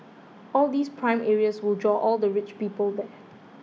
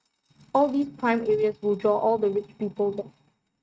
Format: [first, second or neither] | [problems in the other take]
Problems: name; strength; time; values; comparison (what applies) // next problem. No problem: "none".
first | noise reduction (neural mask model RNNoise)